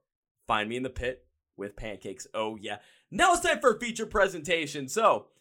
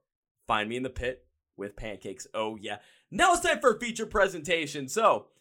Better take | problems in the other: neither | none

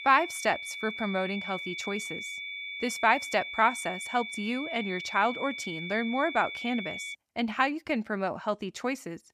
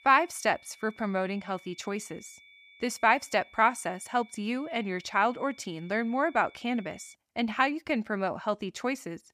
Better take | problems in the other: second | high-pitched whine; loud; until 7 s; 2.5 kHz, 6 dB below the speech; faint in the second

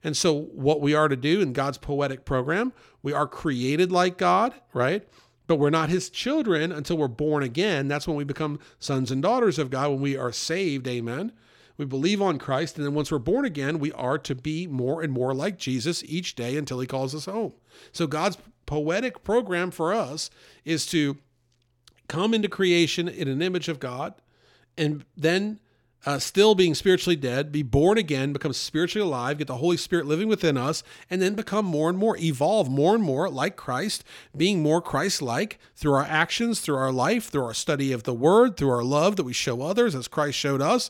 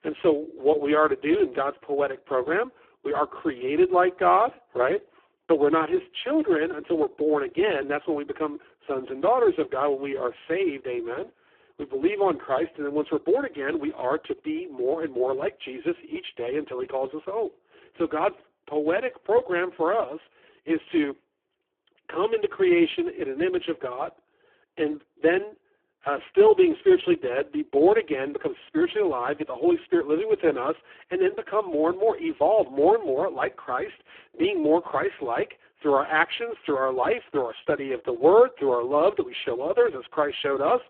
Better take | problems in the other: first | phone-call audio; poor line

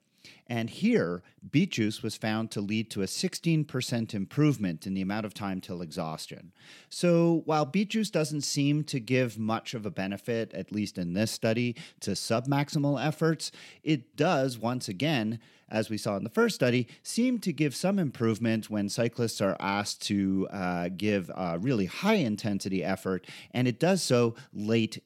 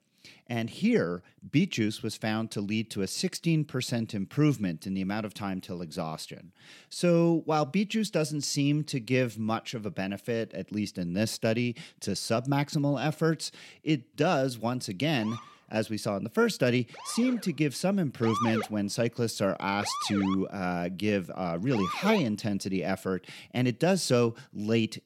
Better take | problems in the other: first | siren; noticeable; from 15 to 22 s; peak 3 dB below the speech

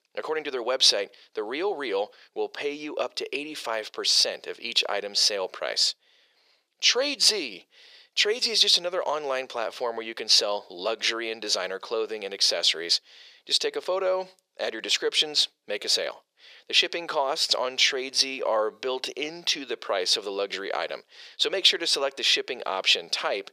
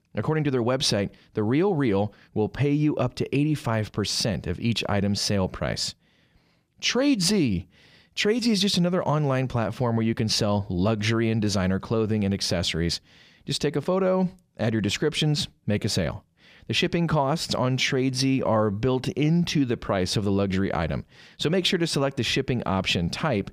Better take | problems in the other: second | thin; very; fading below 450 Hz

